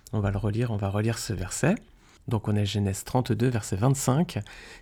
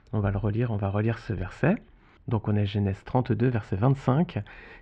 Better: first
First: none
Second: muffled; very; fading above 2.5 kHz

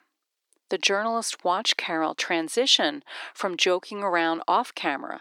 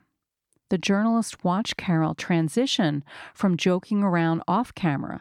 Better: second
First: thin; very; fading below 350 Hz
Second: none

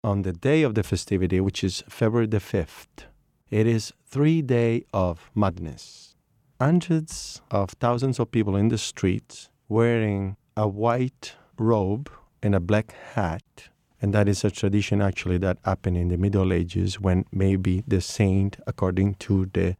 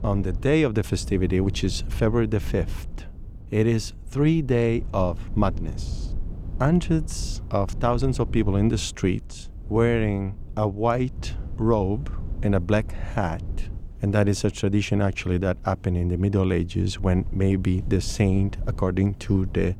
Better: first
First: none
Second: wind noise on the microphone; occasional gusts; 20 dB below the speech

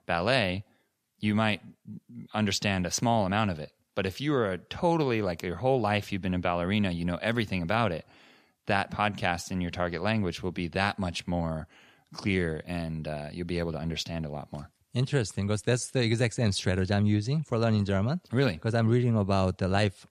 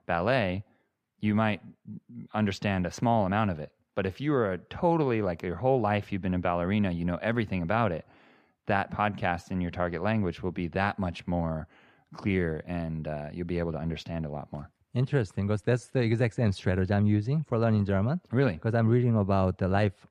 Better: first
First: none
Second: muffled; slightly; fading above 3 kHz

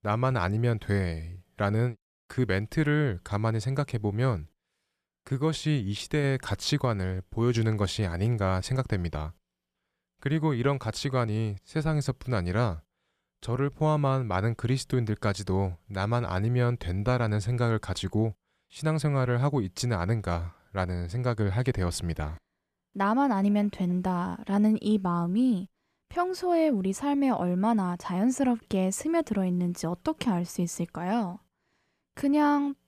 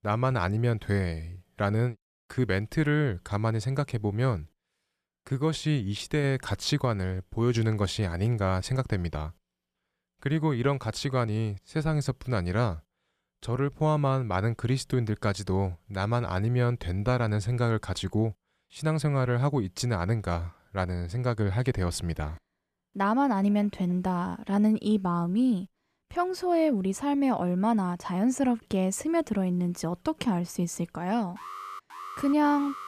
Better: first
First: none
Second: alarm; faint; from 31 s on; peak 10 dB below the speech

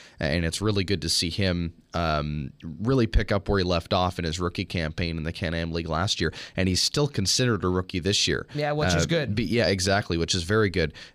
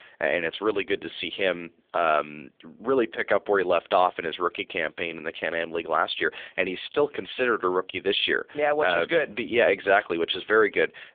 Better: first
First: none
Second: phone-call audio; poor line

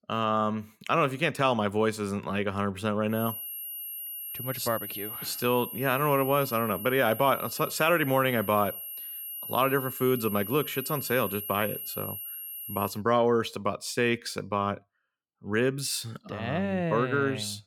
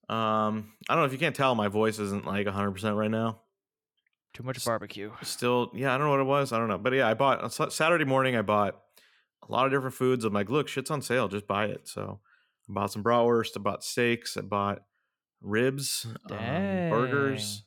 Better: second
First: high-pitched whine; loud; from 3 to 13 s; 11.5 kHz, 8 dB below the speech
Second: none

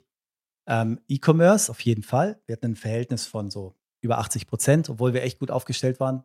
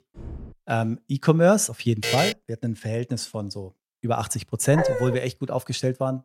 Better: first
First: none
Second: door banging; faint; at the start; peak 15 dB below the speech // alarm; loud; at 2 s; peak level with the speech // dog barking; noticeable; at 4.5 s; peak 1 dB below the speech

